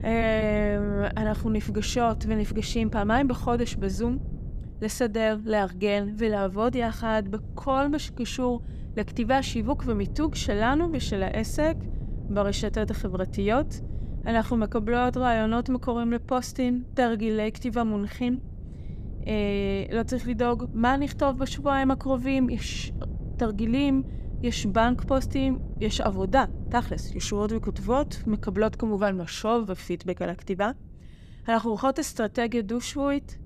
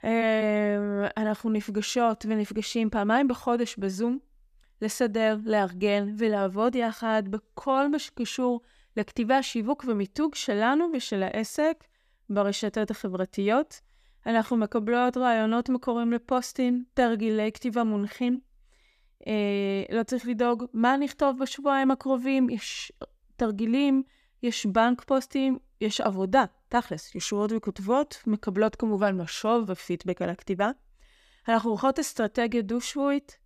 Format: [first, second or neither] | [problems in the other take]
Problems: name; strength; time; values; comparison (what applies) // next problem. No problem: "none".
second | wind noise on the microphone; occasional gusts; 20 dB below the speech